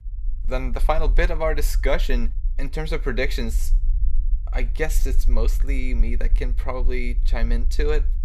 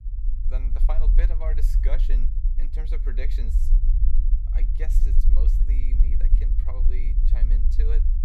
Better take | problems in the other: first | low rumble; loud; throughout; 4 dB below the speech; faint in the first

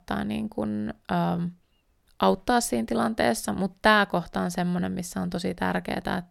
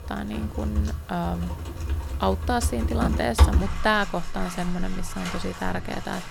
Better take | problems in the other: first | household noises; loud; throughout; 1 dB below the speech

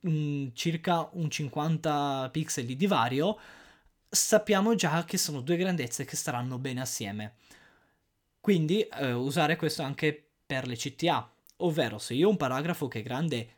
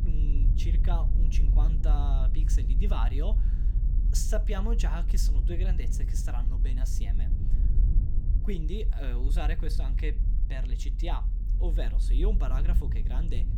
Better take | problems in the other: first | low rumble; loud; throughout; 8 dB below the speech

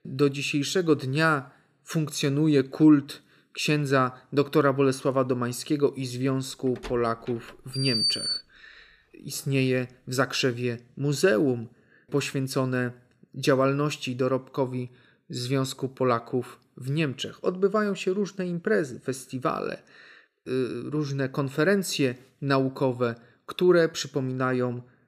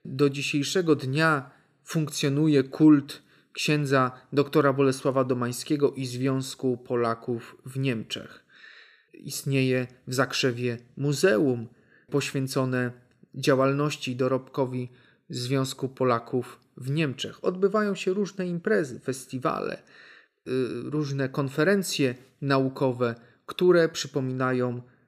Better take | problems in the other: second | door banging; loud; from 7 to 8.5 s; peak 3 dB above the speech

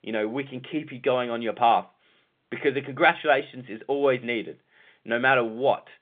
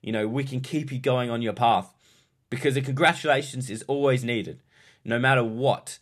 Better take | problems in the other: second | phone-call audio; nothing above 3.5 kHz

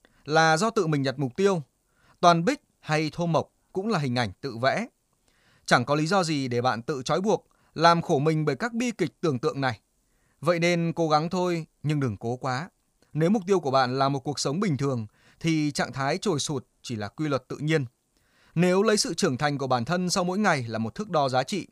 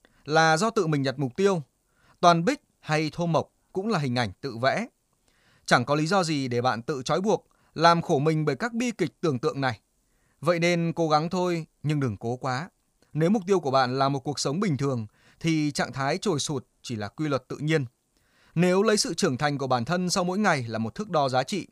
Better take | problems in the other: neither | none

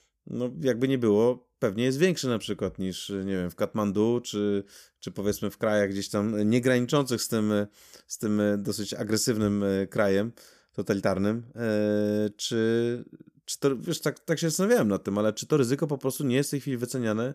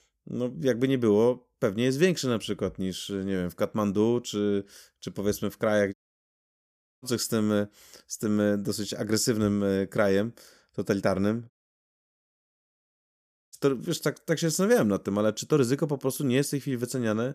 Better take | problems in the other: first | audio cutting out; at 6 s for 1 s and at 12 s for 2 s

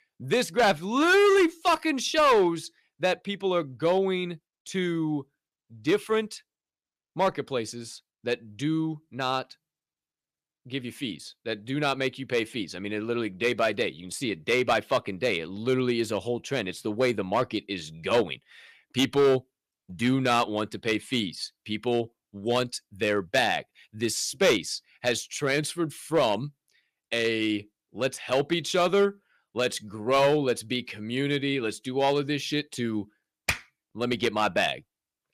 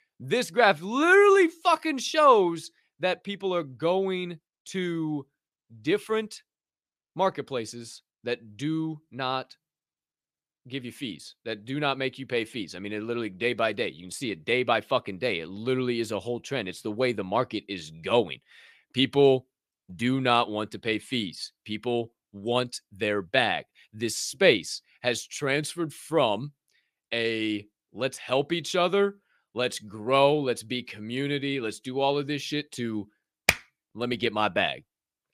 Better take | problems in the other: second | distortion; slight; 3% of the sound clipped

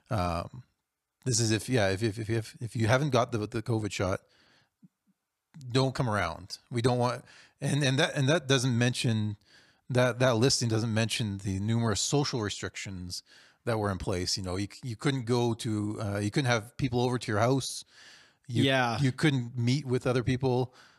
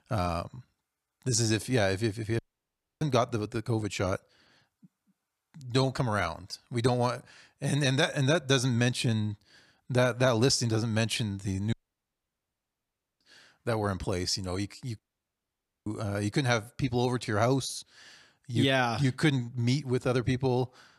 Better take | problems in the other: first | audio cutting out; at 2.5 s for 0.5 s, at 12 s for 1.5 s and at 15 s for 1 s

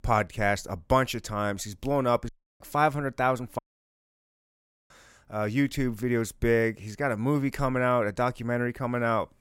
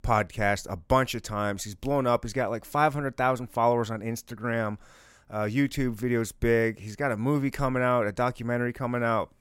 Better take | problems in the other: second | audio cutting out; at 2.5 s and at 3.5 s for 1.5 s

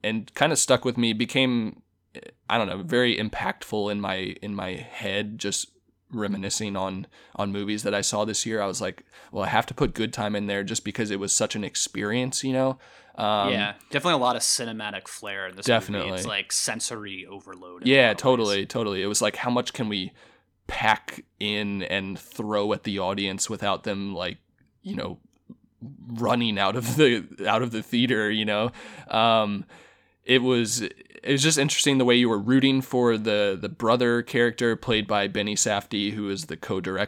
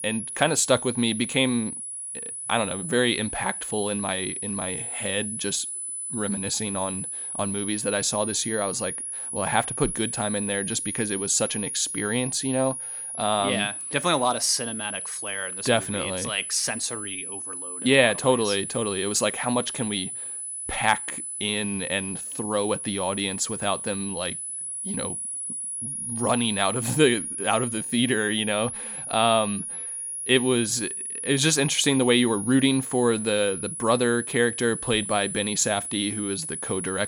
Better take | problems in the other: first | high-pitched whine; loud; throughout; 10.5 kHz, 5 dB below the speech

